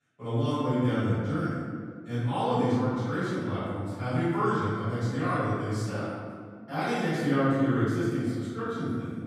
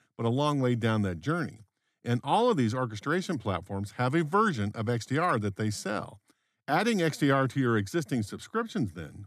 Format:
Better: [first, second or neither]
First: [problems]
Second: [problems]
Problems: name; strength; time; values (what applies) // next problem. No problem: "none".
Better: second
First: off-mic speech; far // room echo; strong; dies away in 1.8 s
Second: none